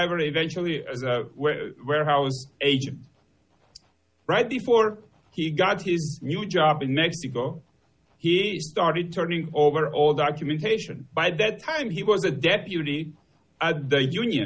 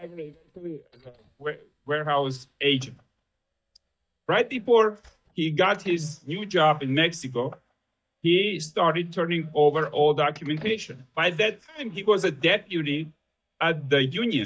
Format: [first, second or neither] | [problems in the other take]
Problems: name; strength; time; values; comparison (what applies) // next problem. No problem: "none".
first | noise reduction (neural mask model DeepFilterNet 3)